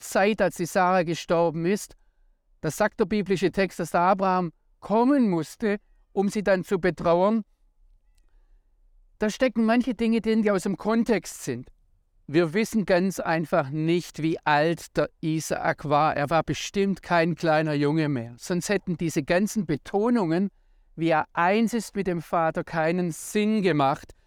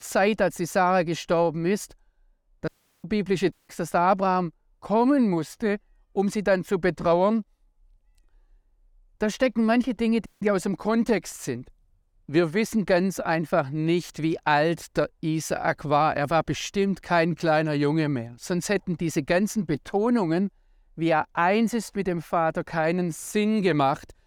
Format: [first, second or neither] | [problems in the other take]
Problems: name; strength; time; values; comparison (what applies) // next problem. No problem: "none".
first | audio cutting out; at 2.5 s, at 3.5 s and at 10 s